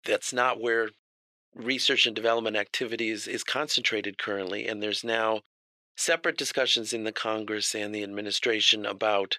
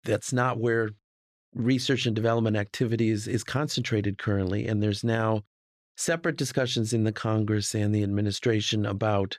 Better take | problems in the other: second | thin; very; fading below 500 Hz

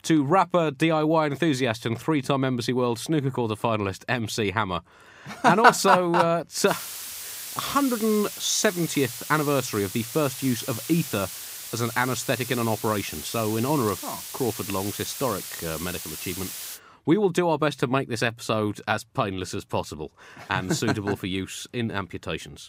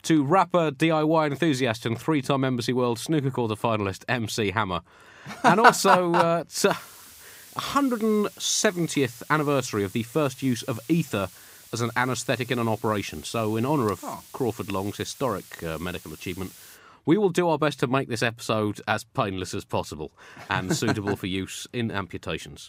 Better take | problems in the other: second | hiss; loud; from 6.5 to 17 s; 9 dB below the speech; faint in the second

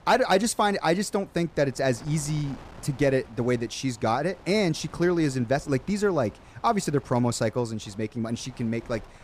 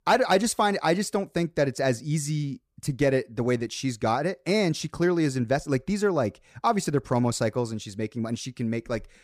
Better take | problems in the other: second | wind noise on the microphone; occasional gusts; 25 dB below the speech

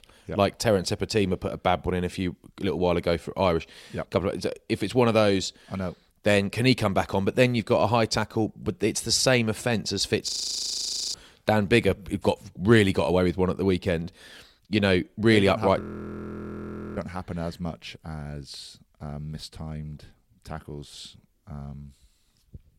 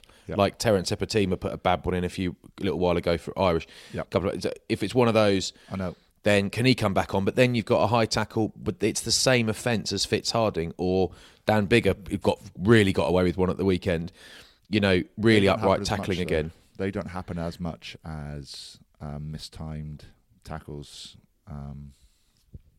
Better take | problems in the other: second | audio freezing; at 10 s for 1 s and at 16 s for 1 s

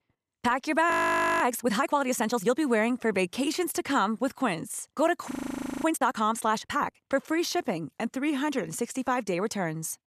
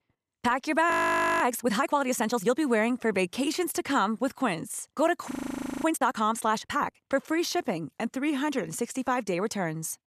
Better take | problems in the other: neither | audio freezing; at 1 s for 0.5 s and at 5.5 s for 0.5 s; the same in both

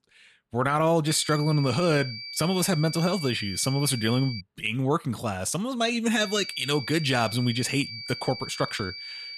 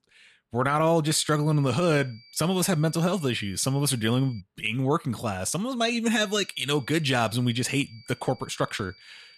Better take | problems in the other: second | high-pitched whine; loud; from 1 to 4.5 s and from 6 s on; 4.5 kHz, 10 dB below the speech; faint in the second

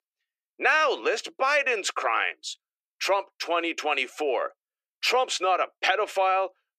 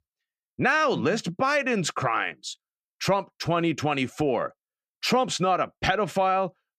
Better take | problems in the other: second | thin; very; fading below 350 Hz

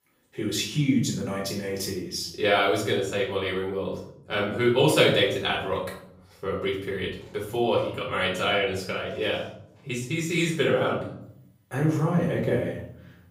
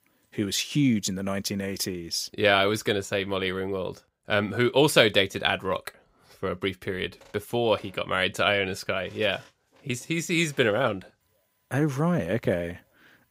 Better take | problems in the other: second | off-mic speech; far // room echo; noticeable; dies away in 0.6 s

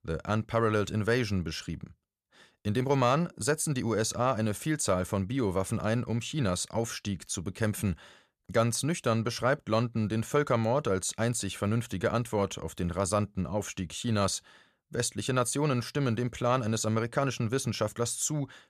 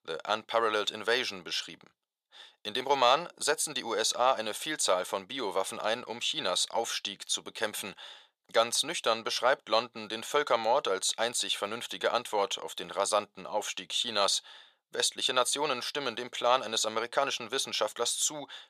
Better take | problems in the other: first | thin; very; fading below 550 Hz

